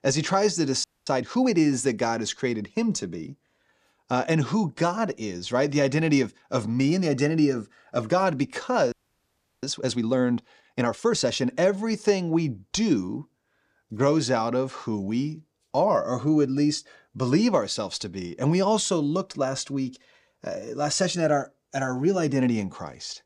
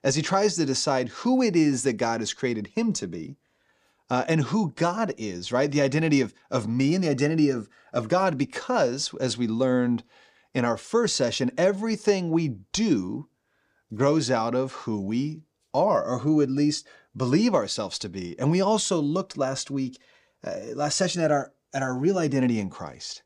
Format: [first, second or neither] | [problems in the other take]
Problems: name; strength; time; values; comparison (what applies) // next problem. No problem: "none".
second | audio freezing; at 1 s and at 9 s for 0.5 s